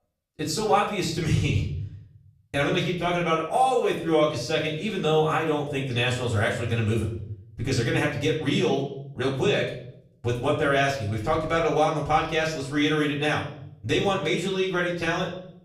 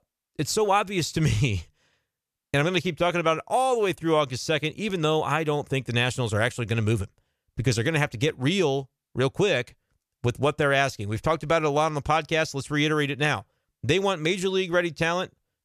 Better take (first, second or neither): second